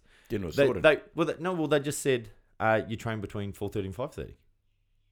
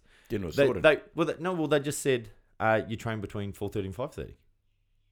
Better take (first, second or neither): neither